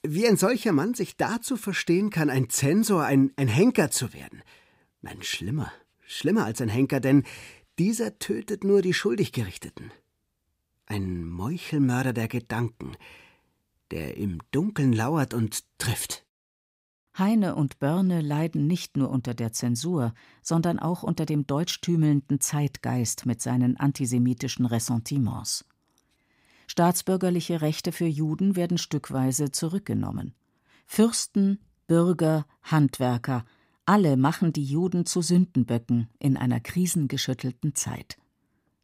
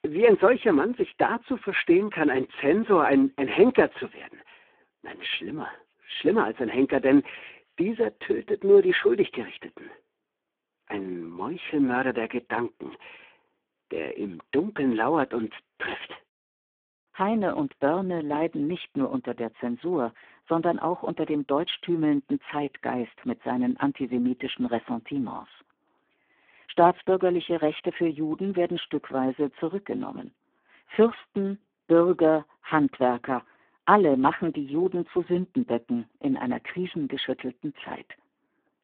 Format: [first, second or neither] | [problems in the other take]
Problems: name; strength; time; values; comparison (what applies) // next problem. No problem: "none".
first | phone-call audio; poor line